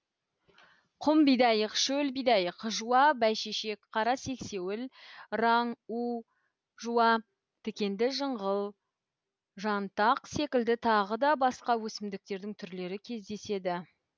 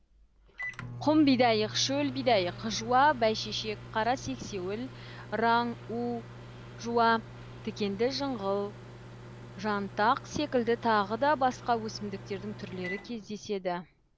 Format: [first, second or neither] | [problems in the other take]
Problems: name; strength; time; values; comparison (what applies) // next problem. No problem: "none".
first | background sound (Microwave oven); 14 dB below the speech